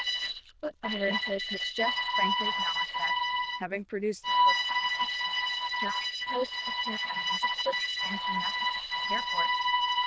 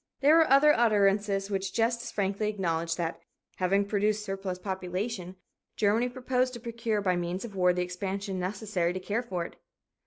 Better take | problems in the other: second | noise reduction (neural diffusion model UNIVERSE++)

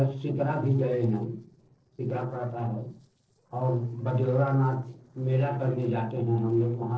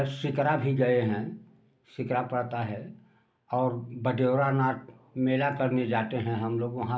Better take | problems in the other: second | noise reduction (neural separator model SepFormer DNS4)

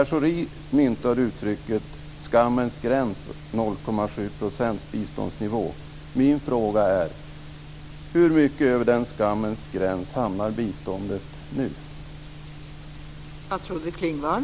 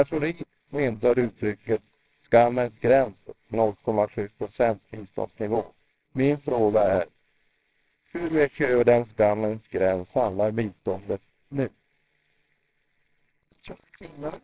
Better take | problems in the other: first | noise reduction (neural separator model SepFormer WHAMR!)

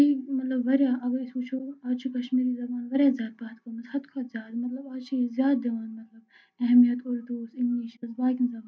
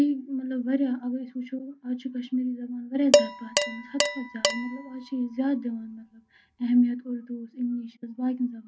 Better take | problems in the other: first | background sound (Dishes, pots, and pans); as loud as the speech

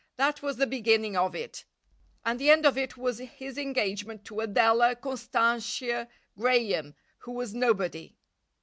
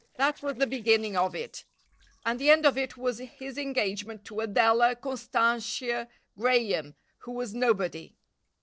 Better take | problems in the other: first | noise reduction (neural separator model SepFormer DNS4)

